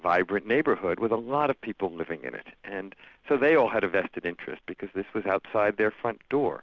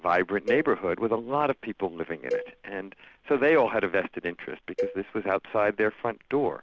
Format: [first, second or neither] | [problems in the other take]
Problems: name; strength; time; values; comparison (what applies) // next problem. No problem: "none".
first | background sound (Cowbell); 11 dB below the speech